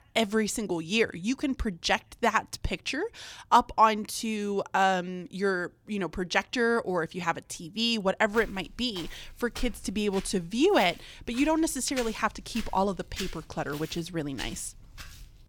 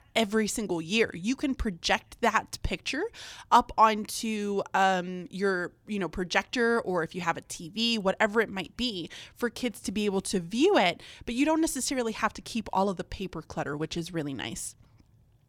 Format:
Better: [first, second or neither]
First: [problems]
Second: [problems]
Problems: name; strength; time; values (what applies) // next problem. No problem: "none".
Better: second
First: footsteps; faint; from 8.5 s on; peak 10 dB below the speech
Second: none